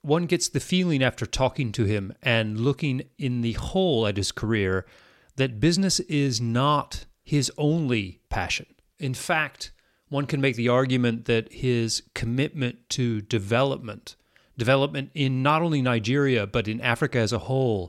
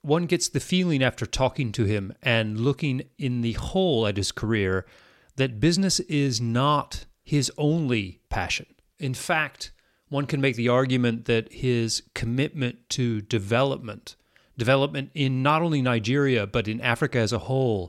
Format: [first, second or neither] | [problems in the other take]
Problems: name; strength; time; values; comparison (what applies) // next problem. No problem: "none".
neither | none